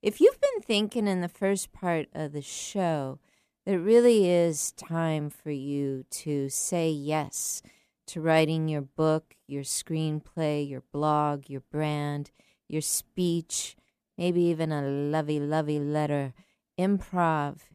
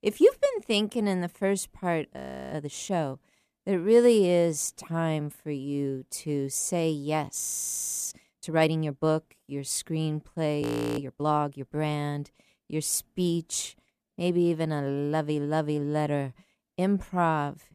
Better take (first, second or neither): first